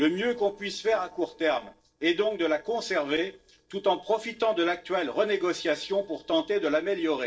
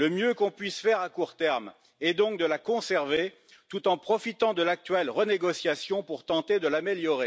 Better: second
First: noise reduction (neural separator model SepFormer DNS4)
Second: none

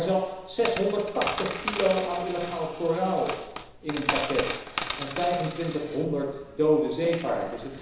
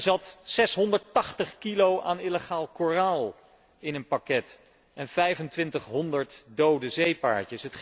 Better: second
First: background sound (Coin (dropping)); 8 dB below the speech // room echo; dies away in 1 s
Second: none

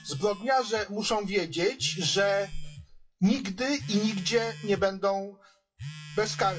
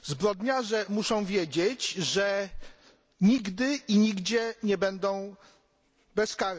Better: second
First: noise reduction (classical method WPE with log-MMSE)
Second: none

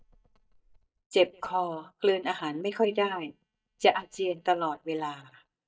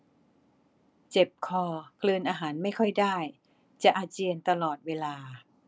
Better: second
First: noise reduction (neural mask model DeepFilterNet 3)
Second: none

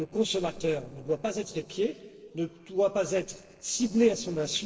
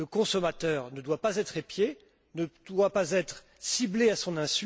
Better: second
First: noise reduction (neural separator model SepFormer DNS4)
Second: none

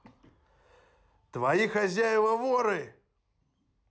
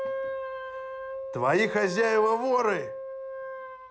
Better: first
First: none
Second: background sound (Wind instrument, woodwind instrument); 8 dB below the speech

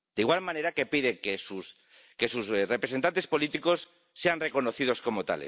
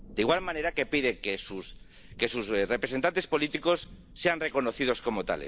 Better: first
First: none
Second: background sound (Thunder / Rain); 18 dB below the speech

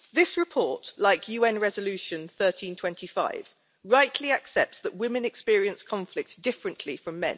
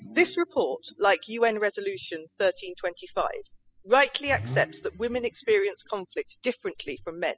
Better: first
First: none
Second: noise reduction (classical method spectral subtraction)

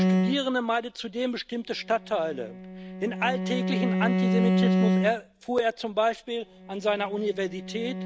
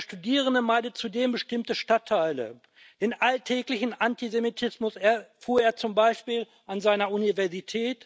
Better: second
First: background sound (Bowed string instrument); 1 dB above the speech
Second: none

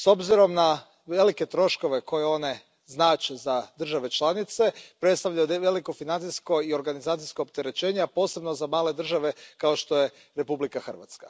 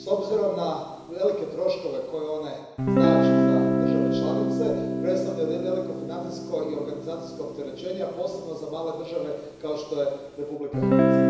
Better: first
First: none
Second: background sound (Guitar); 3 dB above the speech // room echo; dies away in 1 s

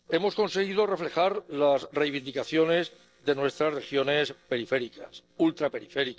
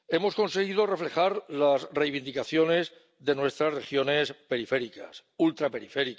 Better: second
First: noise reduction (neural separator model SepFormer DNS4)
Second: none

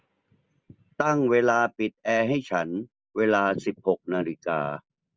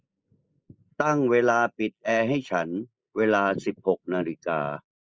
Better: first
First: none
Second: noise reduction (neural mask model Resemble Enhance denoiser)

